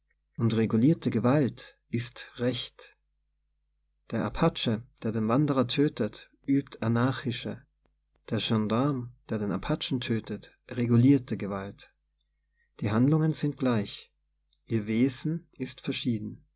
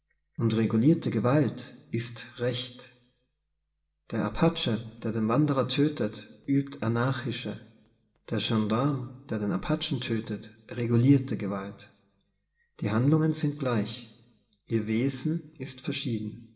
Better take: first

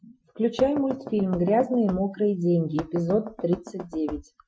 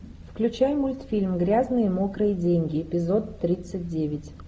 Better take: second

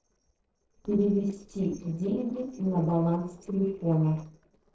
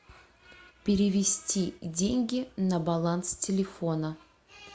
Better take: second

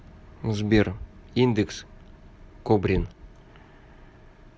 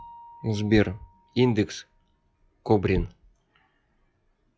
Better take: first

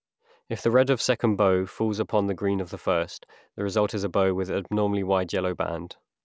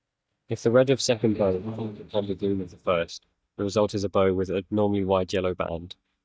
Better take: first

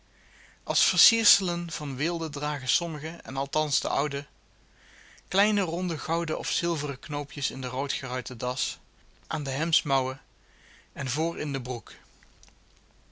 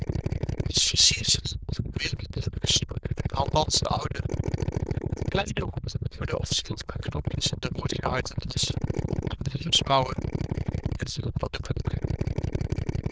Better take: first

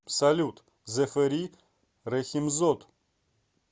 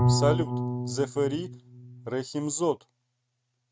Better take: first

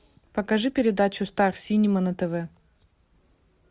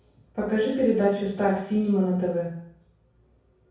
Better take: first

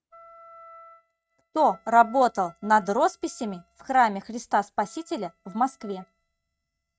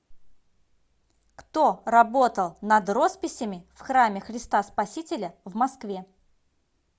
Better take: second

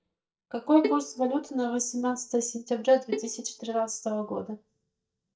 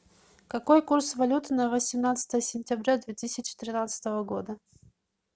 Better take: second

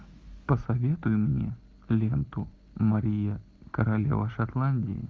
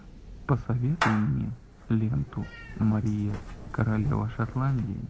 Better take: first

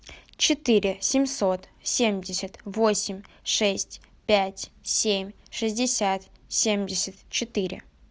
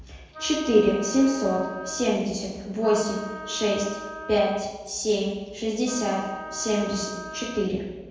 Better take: first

